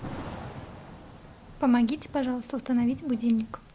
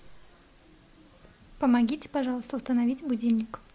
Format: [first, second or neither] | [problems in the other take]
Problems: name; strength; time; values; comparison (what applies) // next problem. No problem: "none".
second | background sound (Thunder / Rain); 15 dB below the speech